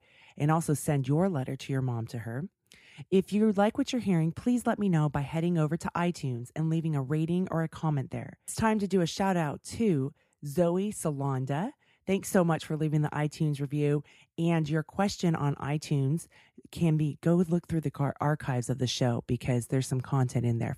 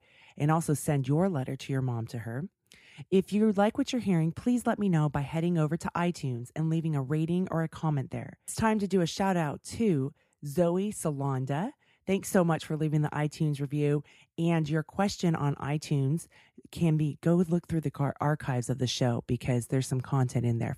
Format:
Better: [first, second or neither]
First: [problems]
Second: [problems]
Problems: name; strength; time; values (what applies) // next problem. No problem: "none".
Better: neither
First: none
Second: none